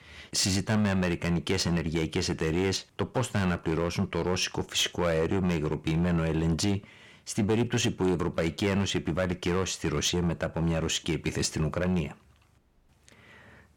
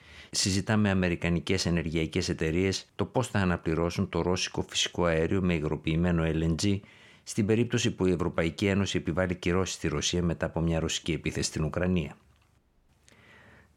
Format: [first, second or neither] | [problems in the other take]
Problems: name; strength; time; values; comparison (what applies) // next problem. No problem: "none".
second | distortion; slight; 6% of the sound clipped